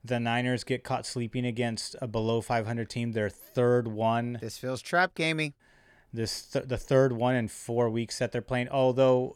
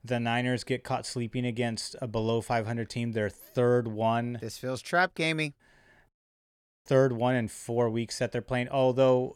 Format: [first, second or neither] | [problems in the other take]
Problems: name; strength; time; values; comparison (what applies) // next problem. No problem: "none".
first | audio cutting out; at 6 s for 1 s